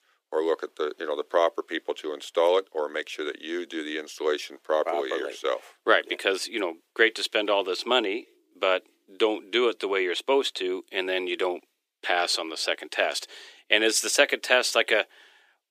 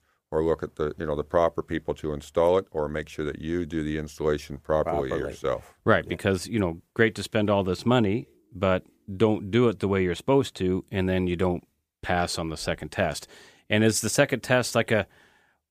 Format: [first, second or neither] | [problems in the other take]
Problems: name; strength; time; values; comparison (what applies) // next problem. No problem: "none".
second | thin; very; fading below 300 Hz